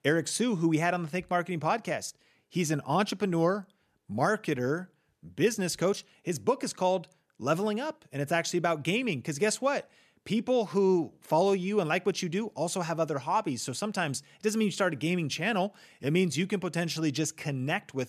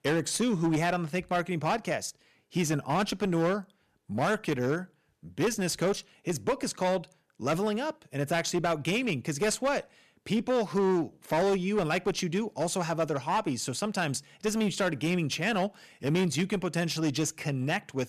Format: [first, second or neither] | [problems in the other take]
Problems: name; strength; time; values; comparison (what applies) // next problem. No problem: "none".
first | distortion; slight; 11% of the sound clipped